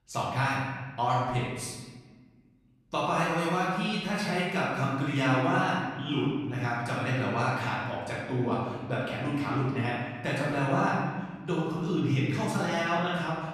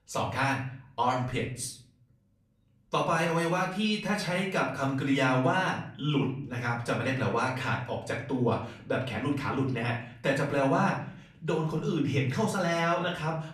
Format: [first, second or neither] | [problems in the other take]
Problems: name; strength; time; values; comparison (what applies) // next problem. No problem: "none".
second | room echo; strong; dies away in 1.4 s; slight in the second // off-mic speech; far; far in the second